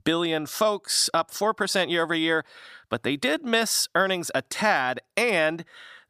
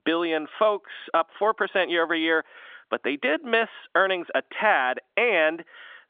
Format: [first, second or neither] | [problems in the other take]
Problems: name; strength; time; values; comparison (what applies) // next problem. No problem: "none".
first | phone-call audio; nothing above 3.5 kHz